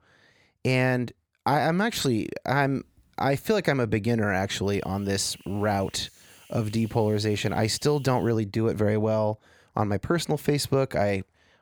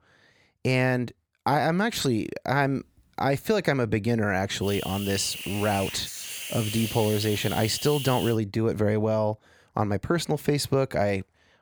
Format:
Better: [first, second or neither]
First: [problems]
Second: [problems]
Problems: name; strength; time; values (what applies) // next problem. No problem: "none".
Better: first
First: hiss; faint; from 4.5 to 8.5 s; 25 dB below the speech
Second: hiss; loud; from 4.5 to 8.5 s; 7 dB below the speech